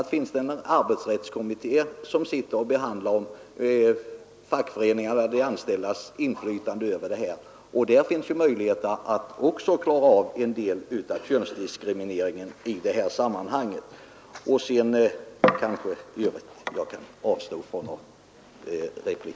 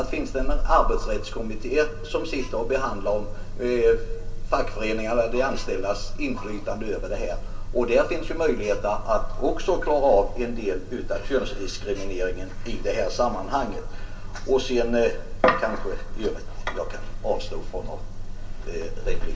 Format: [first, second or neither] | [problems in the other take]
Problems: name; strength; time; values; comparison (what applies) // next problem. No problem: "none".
first | background sound (Alarm); 1 dB below the speech // room echo; dies away in 0.2 s